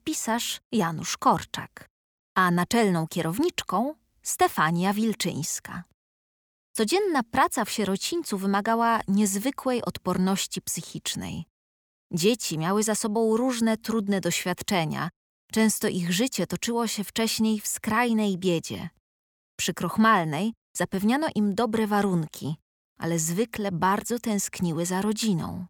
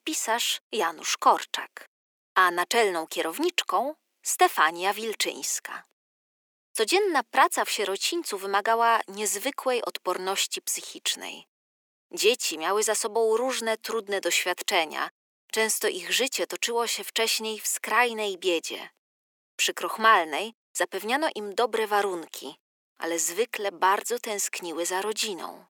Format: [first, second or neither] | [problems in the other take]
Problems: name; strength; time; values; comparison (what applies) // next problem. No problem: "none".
first | thin; very; fading below 350 Hz